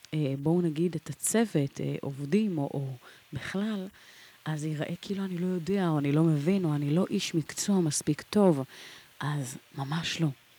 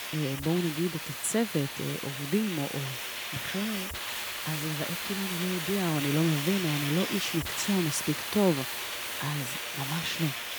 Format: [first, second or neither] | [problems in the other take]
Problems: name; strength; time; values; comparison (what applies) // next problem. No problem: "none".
first | hiss; loud; throughout; 2 dB below the speech; faint in the first